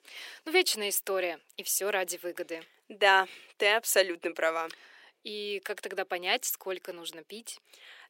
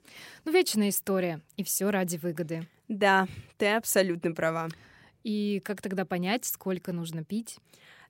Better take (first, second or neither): second